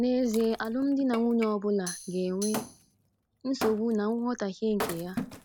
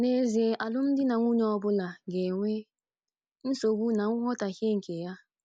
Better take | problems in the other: second | background sound (Tambourine + Wood); 11 dB below the speech

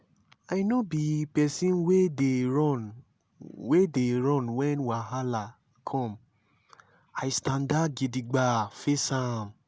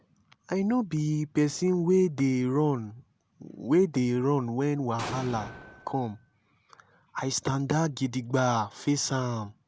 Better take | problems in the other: first | background sound (Explosion); 13 dB below the speech

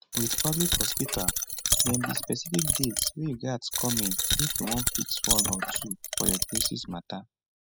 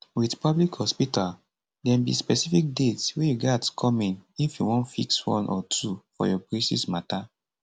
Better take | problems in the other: second | noise reduction (classical method spectral subtraction)

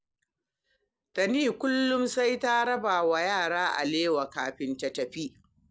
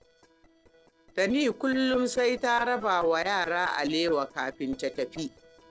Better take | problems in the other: first | noise reduction (neural separator model SepFormer DNS4)

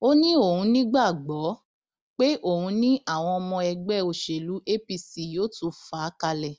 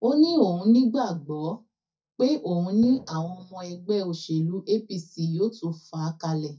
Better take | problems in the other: first | noise reduction (neural mask model DeepFilterNet 3)

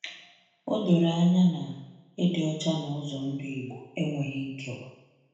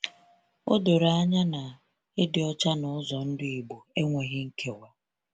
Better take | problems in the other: second | room echo; dies away in 0.8 s

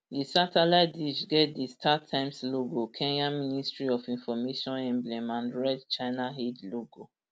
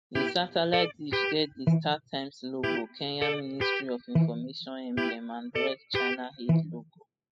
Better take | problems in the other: first | noise reduction (classical method spectral subtraction)

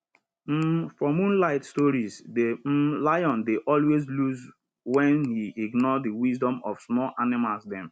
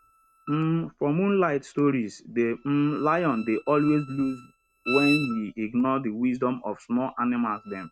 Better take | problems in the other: first | noise reduction (neural mask model RNNoise)

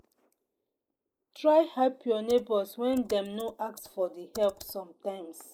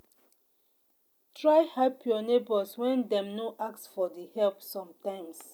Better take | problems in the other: second | noise reduction (neural mask model Resemble Enhance denoiser)

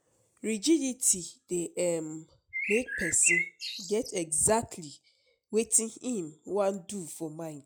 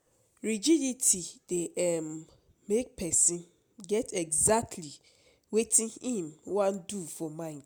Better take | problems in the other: second | noise reduction (classical method log-MMSE)

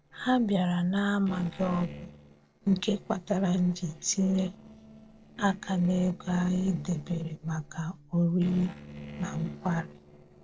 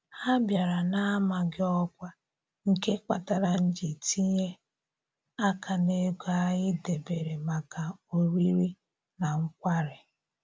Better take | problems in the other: second | noise reduction (neural separator model SepFormer DNS4)

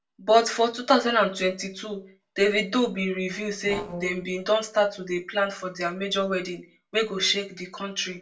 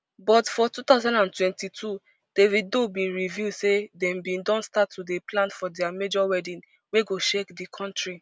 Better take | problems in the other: second | noise reduction (neural separator model SepFormer DNS4)

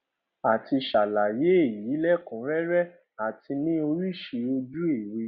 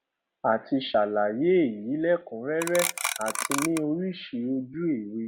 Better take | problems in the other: first | background sound (Clock); 4 dB below the speech

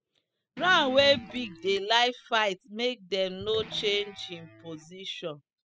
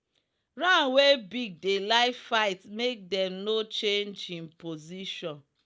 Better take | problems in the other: second | noise reduction (classical method spectral subtraction)

